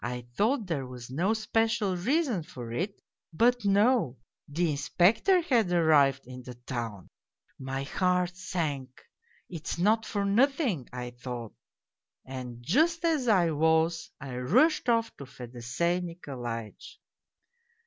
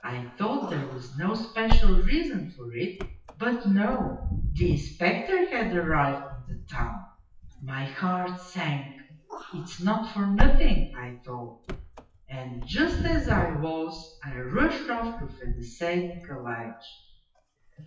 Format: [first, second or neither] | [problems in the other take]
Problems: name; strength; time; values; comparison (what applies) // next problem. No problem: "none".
first | noise reduction (classical method WPE with log-MMSE)